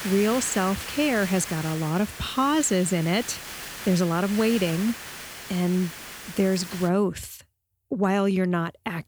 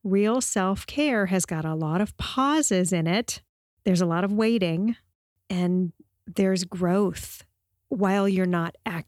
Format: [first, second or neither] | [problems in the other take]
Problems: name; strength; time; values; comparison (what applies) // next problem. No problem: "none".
second | hiss; noticeable; until 7 s; 10 dB below the speech